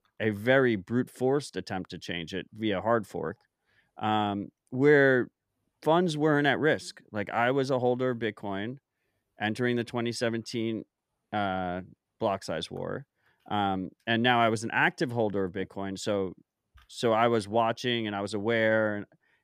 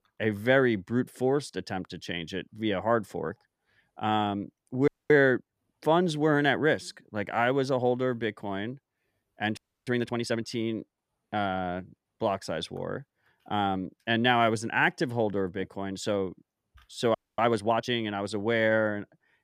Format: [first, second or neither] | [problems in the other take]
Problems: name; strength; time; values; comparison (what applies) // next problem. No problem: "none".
first | audio freezing; at 5 s, at 9.5 s and at 17 s